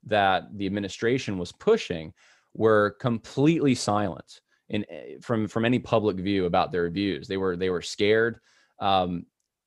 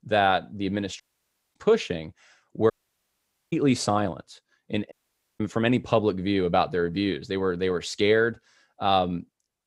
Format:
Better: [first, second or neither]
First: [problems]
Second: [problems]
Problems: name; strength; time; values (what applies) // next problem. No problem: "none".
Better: first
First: none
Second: audio cutting out; at 1 s for 0.5 s, at 2.5 s for 1 s and at 5 s